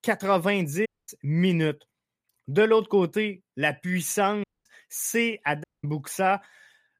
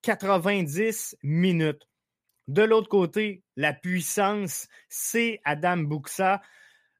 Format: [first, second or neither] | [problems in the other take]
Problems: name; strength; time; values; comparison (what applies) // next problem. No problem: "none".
second | audio cutting out; at 1 s, at 4.5 s and at 5.5 s